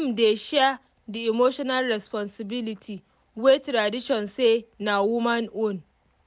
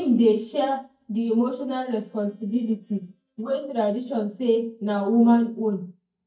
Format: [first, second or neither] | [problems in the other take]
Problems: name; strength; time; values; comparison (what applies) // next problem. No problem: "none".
first | noise reduction (neural mask model DeepFilterNet 3)